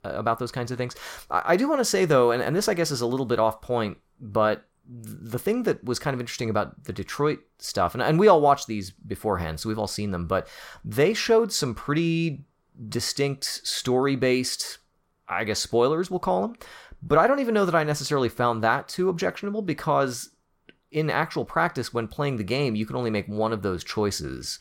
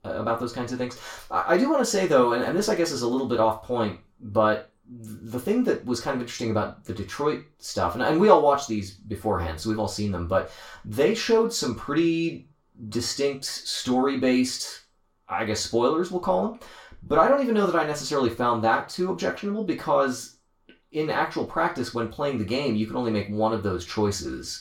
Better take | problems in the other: first | room echo; very slight; dies away in 0.3 s // off-mic speech; far

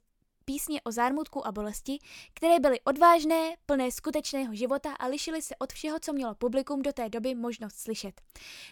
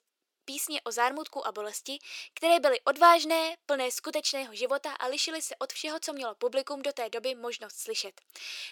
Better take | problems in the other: first | thin; somewhat; fading below 400 Hz

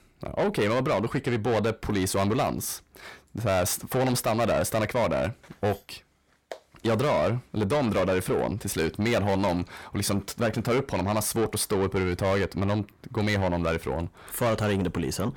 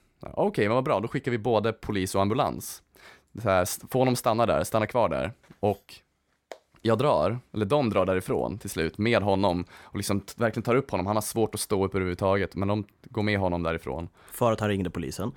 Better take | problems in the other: second | distortion; heavy; 8 dB below the speech

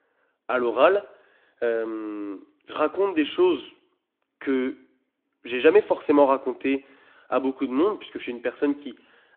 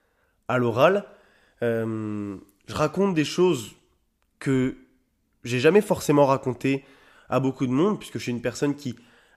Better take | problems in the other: second | phone-call audio

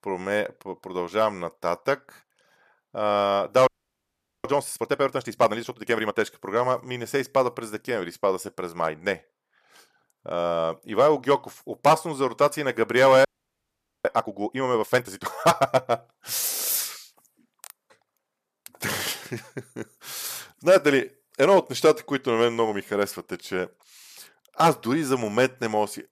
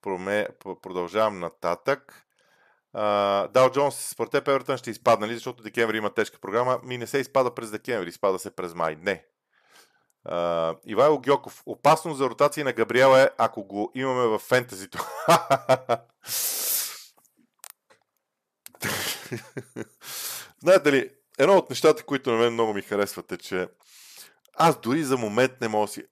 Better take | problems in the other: second | audio freezing; at 3.5 s for 1 s and at 13 s for 1 s

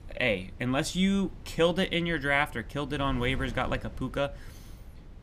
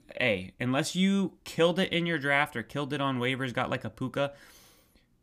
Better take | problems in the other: second | wind noise on the microphone; occasional gusts; 25 dB below the speech

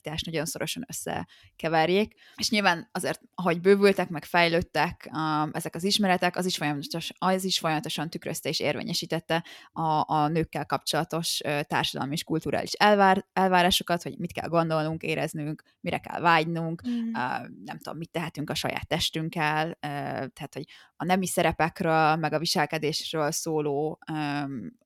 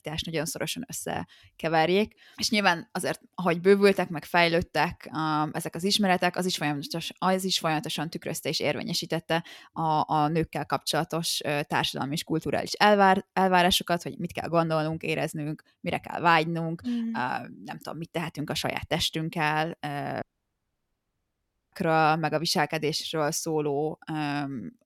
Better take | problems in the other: first | audio cutting out; at 20 s for 1.5 s

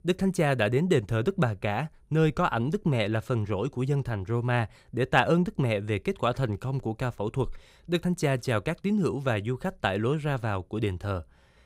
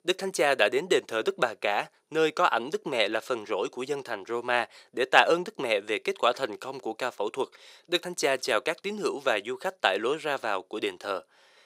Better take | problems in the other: first | thin; very; fading below 400 Hz

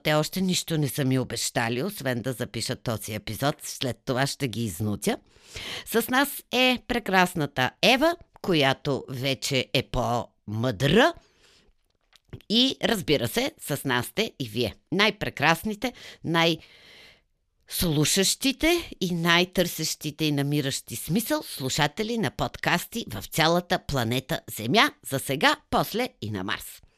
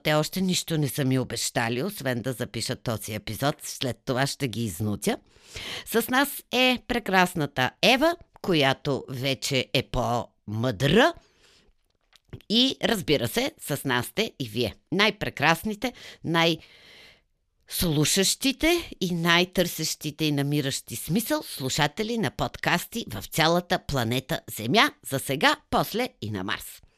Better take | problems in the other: neither | none

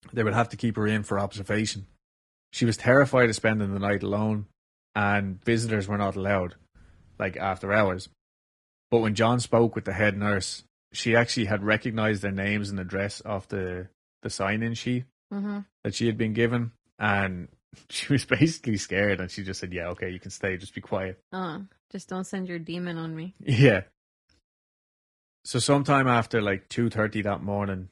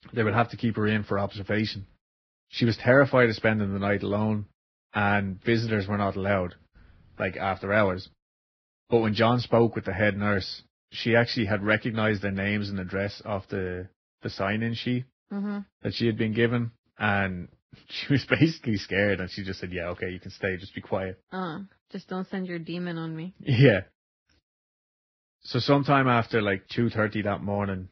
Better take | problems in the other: first | garbled, watery; badly; nothing above 5.5 kHz; slightly in the first

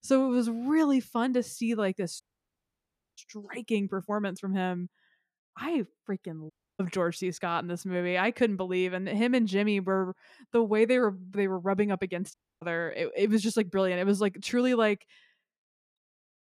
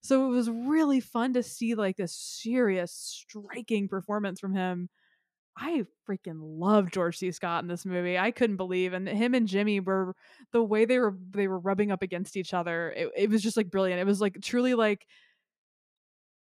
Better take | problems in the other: second | audio cutting out; at 2 s for 1 s, at 6.5 s and at 12 s

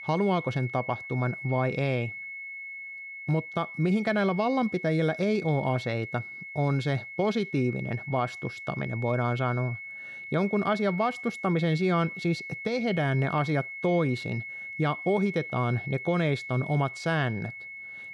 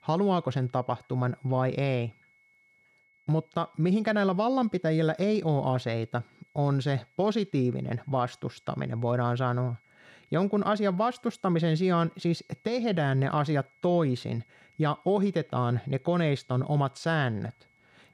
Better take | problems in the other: second | high-pitched whine; loud; throughout; 2 kHz, 9 dB below the speech; faint in the second

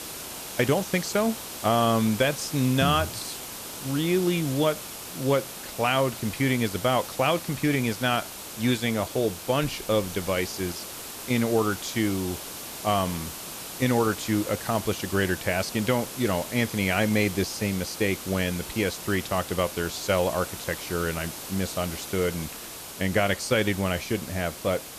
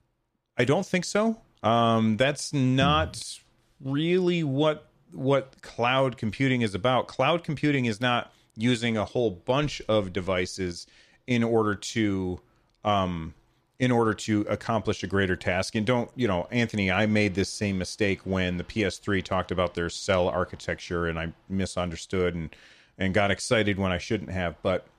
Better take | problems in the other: second | hiss; loud; throughout; 9 dB below the speech

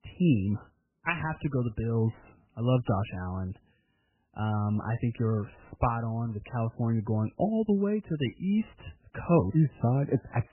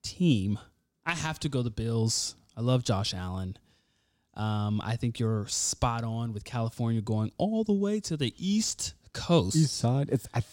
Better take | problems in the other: second | garbled, watery; badly; nothing above 3 kHz

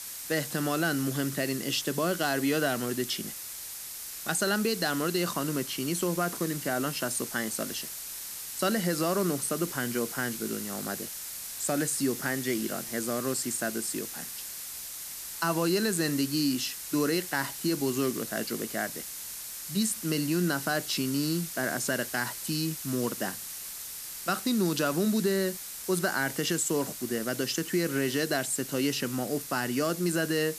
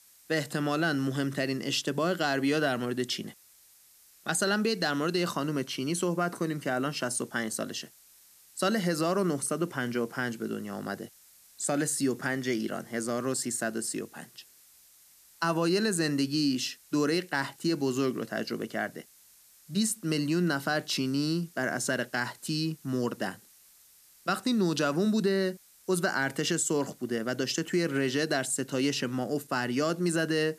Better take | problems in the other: second | hiss; loud; throughout; 7 dB below the speech; faint in the second

